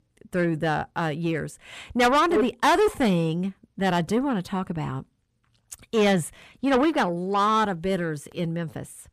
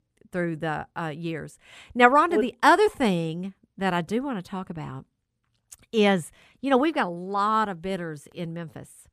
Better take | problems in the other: second | distortion; heavy; 7 dB below the speech

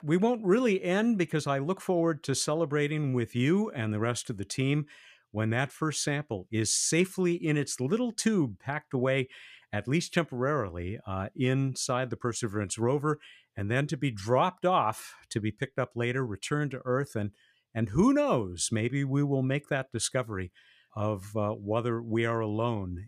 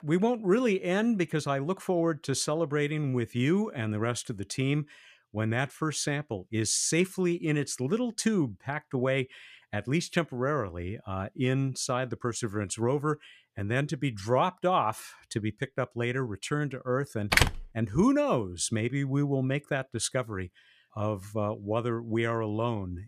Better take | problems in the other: first | door banging; loud; at 17 s; peak 5 dB above the speech

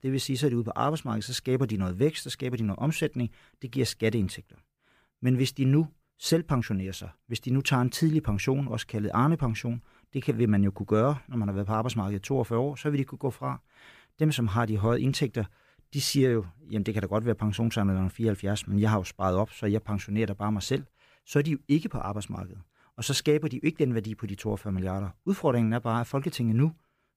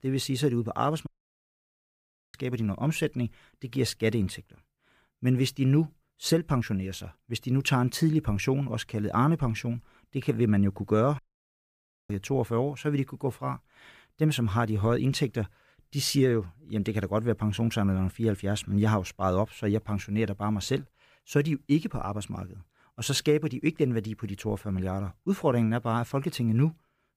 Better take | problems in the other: first | audio cutting out; at 1 s for 1.5 s and at 11 s for 1 s

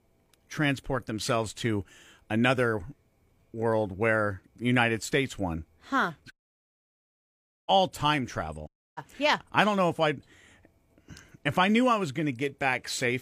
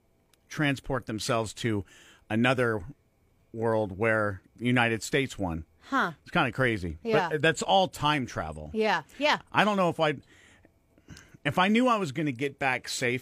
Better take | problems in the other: second | audio cutting out; at 6.5 s for 1.5 s and at 8.5 s

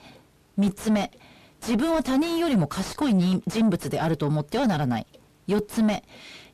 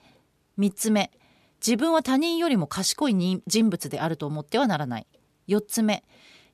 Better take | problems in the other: second | distortion; heavy; 6 dB below the speech

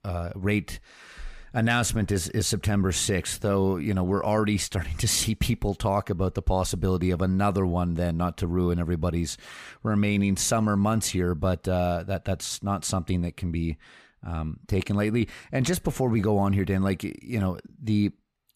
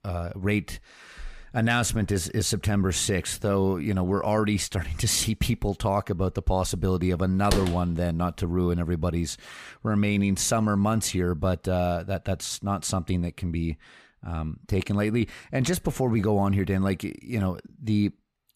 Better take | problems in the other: first | door banging; noticeable; at 7.5 s; peak 3 dB below the speech

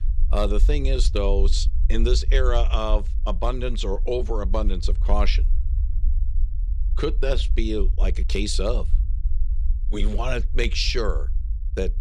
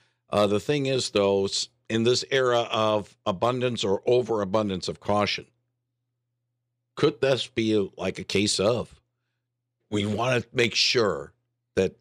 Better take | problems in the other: second | low rumble; noticeable; throughout; 20 dB below the speech

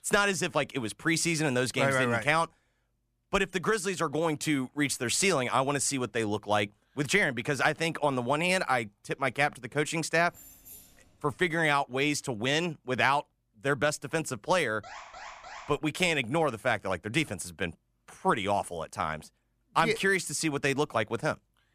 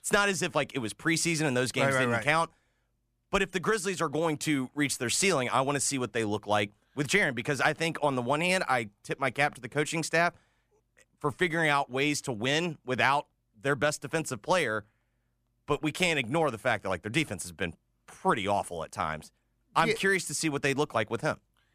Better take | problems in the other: second | jangling keys; faint; from 10 to 11 s; peak 20 dB below the speech // alarm; faint; at 15 s; peak 15 dB below the speech

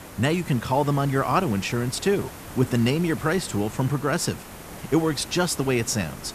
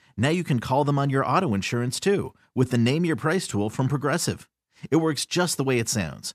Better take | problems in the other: second | hiss; noticeable; throughout; 15 dB below the speech

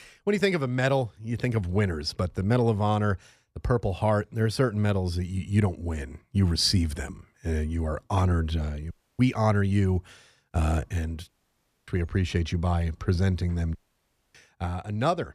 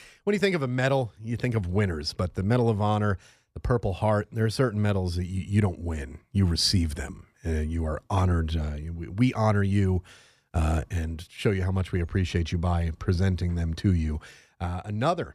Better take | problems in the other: second | audio cutting out; at 9 s, at 11 s for 0.5 s and at 14 s for 0.5 s

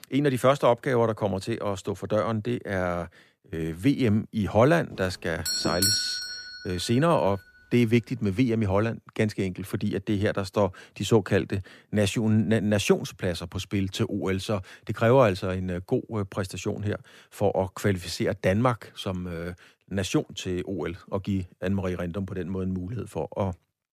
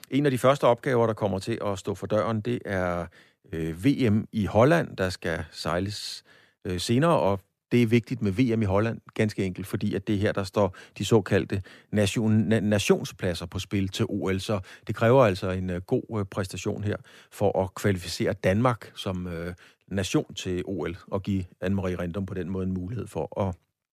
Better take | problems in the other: second | doorbell; loud; from 5.5 to 6.5 s; peak 4 dB above the speech

